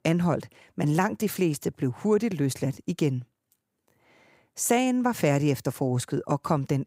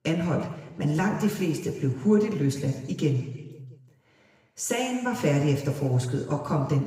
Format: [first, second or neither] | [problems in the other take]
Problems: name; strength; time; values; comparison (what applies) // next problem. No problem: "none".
first | room echo; noticeable; dies away in 1.3 s // off-mic speech; far